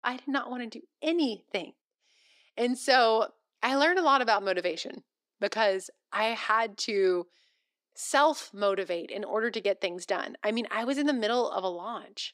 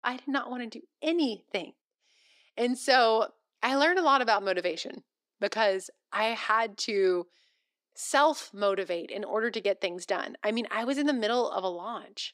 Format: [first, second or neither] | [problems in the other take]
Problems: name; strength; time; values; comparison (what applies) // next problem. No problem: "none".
neither | thin; very slightly; fading below 300 Hz; the same in both